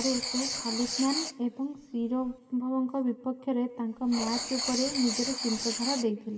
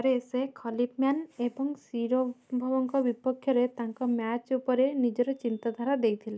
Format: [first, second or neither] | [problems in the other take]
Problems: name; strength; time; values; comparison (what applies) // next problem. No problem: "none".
second | background sound (Writing); 6 dB below the speech // room echo; dies away in 2.4 s